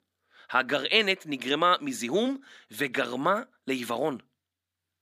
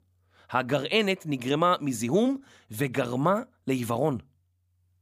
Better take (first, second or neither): second